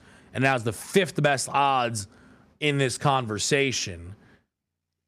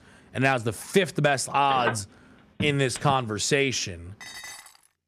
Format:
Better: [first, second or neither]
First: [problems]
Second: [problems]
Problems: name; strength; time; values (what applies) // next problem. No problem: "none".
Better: first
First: none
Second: phone ringing; noticeable; from 1.5 to 3 s; peak 6 dB below the speech // clattering dishes; faint; at 4 s; peak 15 dB below the speech